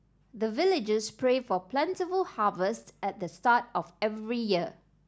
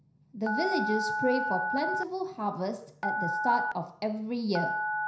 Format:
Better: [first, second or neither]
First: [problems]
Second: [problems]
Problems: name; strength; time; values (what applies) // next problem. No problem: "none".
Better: first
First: none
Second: background sound (Telephone); 1 dB below the speech // room echo; dies away in 0.5 s